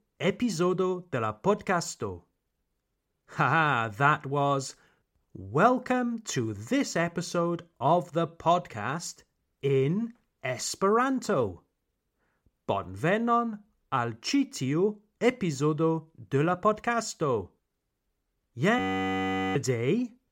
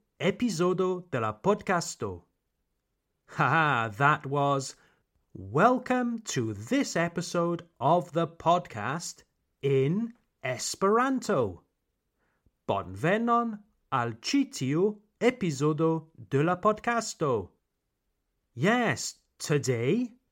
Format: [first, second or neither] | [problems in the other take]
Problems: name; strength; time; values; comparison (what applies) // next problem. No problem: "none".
second | audio freezing; at 19 s for 1 s